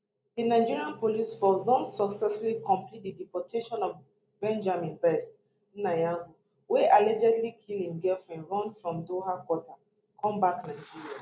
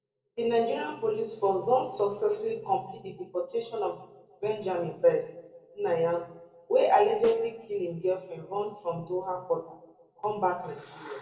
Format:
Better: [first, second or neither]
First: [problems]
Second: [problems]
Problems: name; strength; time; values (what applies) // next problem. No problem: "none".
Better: first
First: none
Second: noise reduction (neural separator model SepFormer DNS4)